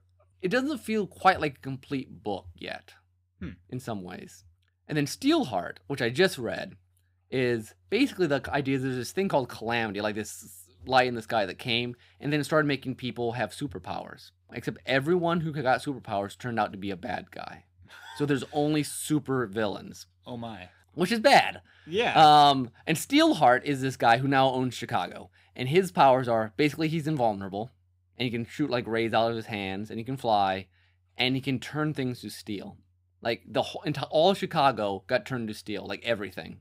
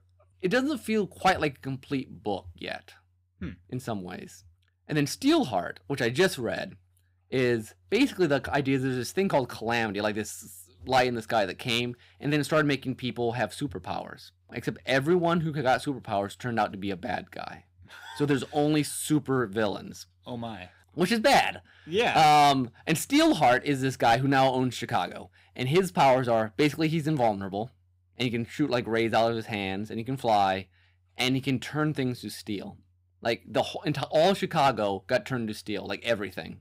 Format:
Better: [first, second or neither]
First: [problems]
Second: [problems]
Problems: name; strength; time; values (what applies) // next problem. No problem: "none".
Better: first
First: none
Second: distortion; slight; 2% of the sound clipped